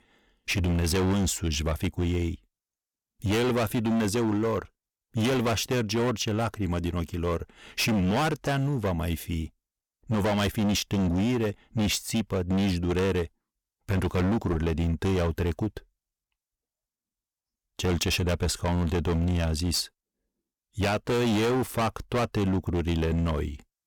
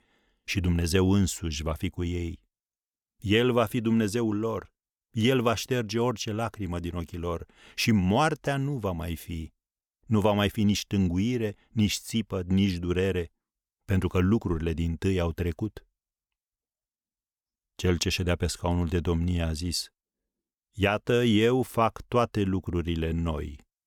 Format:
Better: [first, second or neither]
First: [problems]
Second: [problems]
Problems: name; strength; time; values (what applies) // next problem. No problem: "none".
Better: second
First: distortion; heavy; 20% of the sound clipped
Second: none